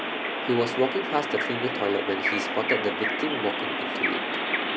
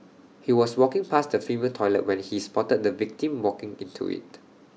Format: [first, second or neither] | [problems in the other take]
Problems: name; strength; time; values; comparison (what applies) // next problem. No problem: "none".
second | background sound (Bird vocalization, bird call, bird song); 1 dB above the speech